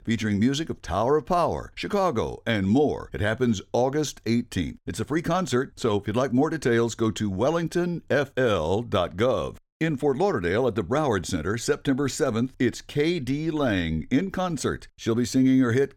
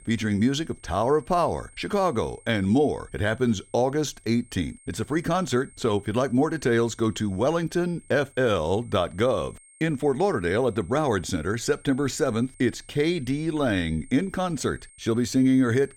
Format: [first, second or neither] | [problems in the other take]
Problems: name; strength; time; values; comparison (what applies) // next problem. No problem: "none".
first | high-pitched whine; faint; throughout; 8.5 kHz, 25 dB below the speech